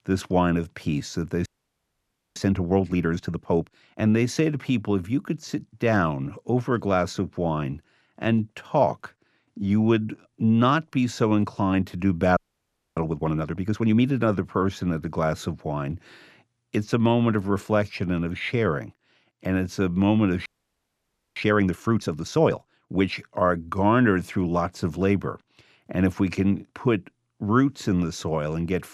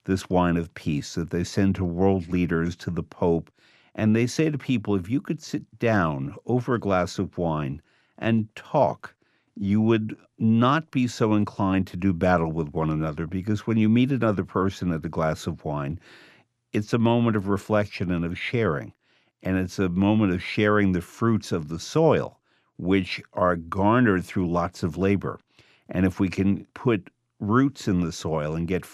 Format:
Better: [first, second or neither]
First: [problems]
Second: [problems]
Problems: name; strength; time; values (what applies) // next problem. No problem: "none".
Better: second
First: audio freezing; at 1.5 s for 1 s, at 12 s for 0.5 s and at 20 s for 1 s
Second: none